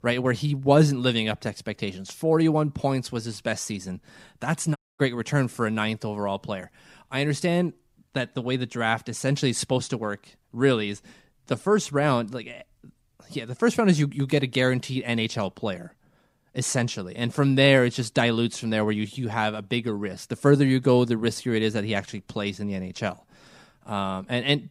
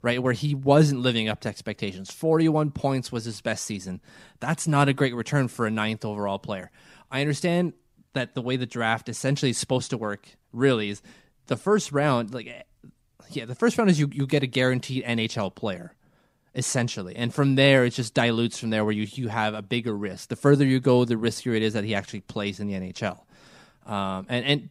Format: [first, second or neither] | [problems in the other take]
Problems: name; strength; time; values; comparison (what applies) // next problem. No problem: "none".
second | audio cutting out; at 5 s